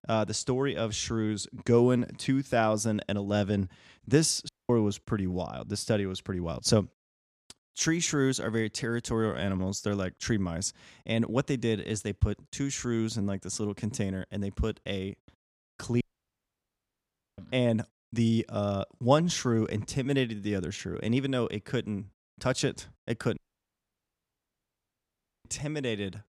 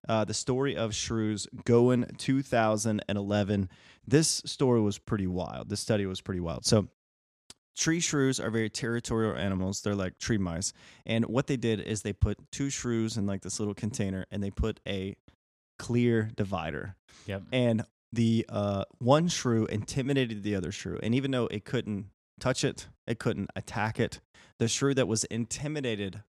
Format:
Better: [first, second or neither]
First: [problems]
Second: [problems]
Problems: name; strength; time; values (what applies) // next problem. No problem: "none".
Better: second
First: audio cutting out; at 4.5 s, at 16 s for 1.5 s and at 23 s for 2 s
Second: none